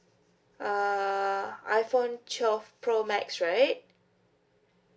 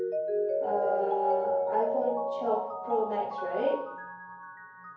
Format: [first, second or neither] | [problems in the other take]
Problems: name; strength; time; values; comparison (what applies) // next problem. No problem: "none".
first | background sound (Mallet percussion); 1 dB above the speech // room echo; dies away in 0.9 s